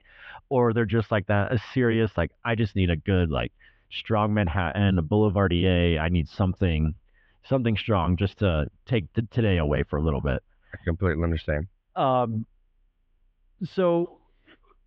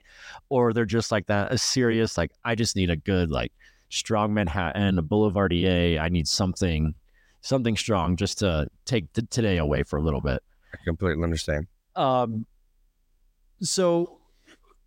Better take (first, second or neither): second